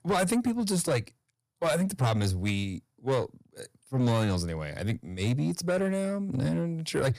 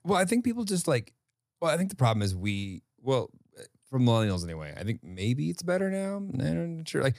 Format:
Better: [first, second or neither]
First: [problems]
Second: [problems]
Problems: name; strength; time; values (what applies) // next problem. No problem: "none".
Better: second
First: distortion; slight; 10 dB below the speech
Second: none